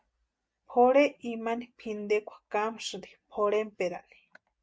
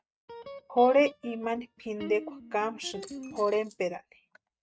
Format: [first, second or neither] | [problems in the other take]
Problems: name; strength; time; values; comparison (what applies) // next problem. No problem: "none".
first | noise reduction (neural mask model RNNoise)